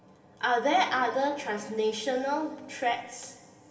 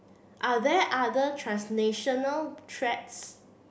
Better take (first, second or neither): second